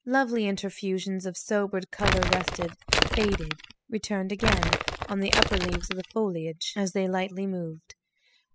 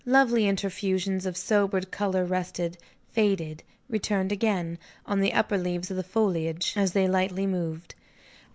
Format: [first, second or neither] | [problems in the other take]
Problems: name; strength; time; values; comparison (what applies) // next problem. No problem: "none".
second | noise reduction (classical method spectral subtraction)